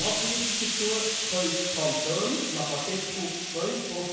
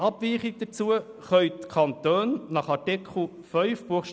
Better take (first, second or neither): second